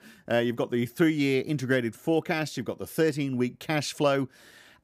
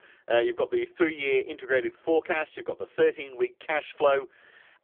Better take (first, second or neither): first